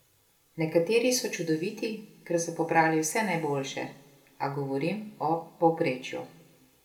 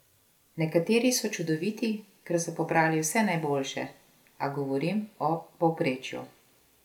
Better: second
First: room echo; dies away in 1 s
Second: none

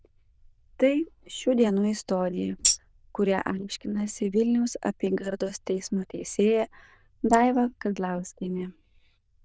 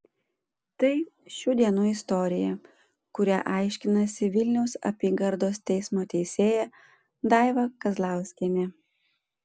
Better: second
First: noise reduction (neural diffusion model UNIVERSE++)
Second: none

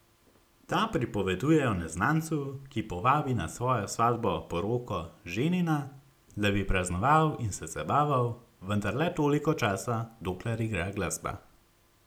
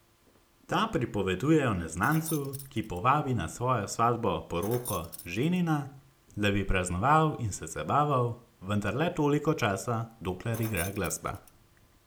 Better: first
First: none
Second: background sound (Keys jangling); 16 dB below the speech

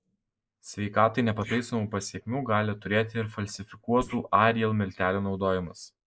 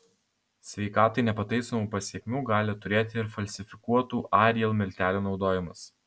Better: second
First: noise reduction (neural mask model Resemble Enhance denoiser)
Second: none

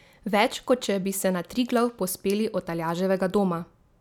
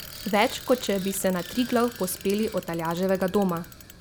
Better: first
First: none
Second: background sound (Bicycle); 15 dB below the speech

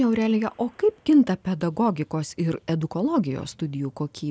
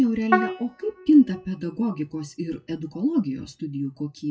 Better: first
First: none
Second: noise reduction (classical method WPE with log-MMSE)

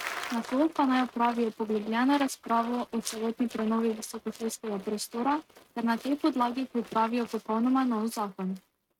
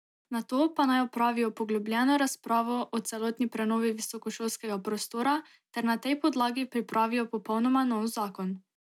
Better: second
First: noise reduction (neural mask model RNNoise)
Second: none

